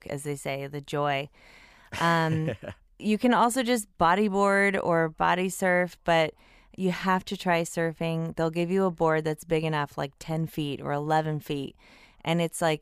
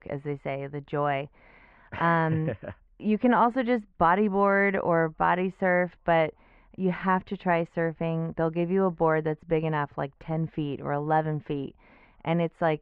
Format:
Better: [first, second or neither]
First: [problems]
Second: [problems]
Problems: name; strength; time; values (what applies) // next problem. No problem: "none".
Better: first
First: none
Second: muffled; very; fading above 2 kHz